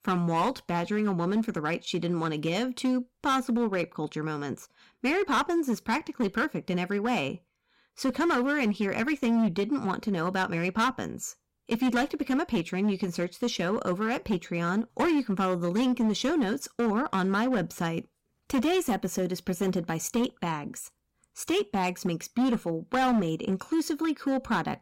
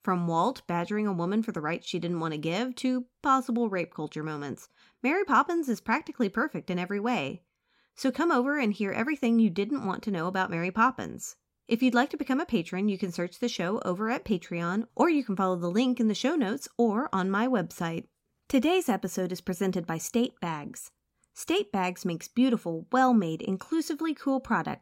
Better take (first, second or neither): second